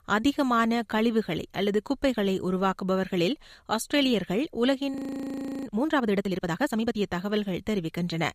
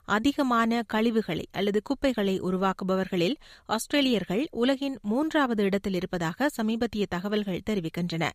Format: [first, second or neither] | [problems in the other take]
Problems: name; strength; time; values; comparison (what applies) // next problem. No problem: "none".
second | audio freezing; at 5 s for 0.5 s